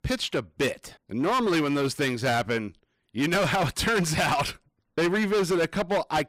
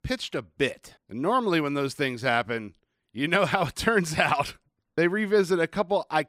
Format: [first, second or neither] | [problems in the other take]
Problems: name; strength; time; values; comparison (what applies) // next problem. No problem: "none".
second | distortion; heavy; 17% of the sound clipped